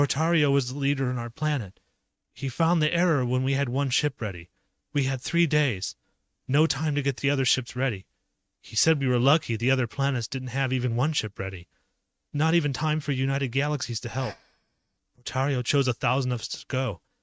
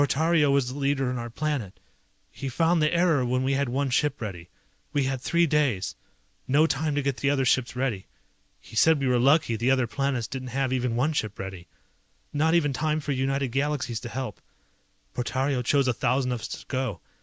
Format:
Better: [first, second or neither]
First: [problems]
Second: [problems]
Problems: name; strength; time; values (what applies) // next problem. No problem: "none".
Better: second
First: noise reduction (neural mask model RNNoise)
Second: none